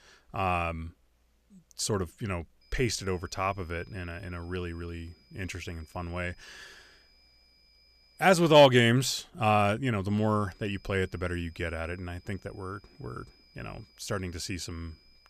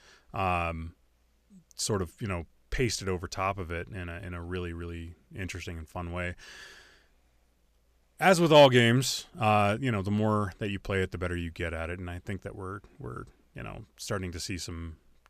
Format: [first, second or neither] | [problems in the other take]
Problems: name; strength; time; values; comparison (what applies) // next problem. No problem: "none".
second | high-pitched whine; faint; from 2.5 to 8 s and from 10 s on; 5 kHz, 30 dB below the speech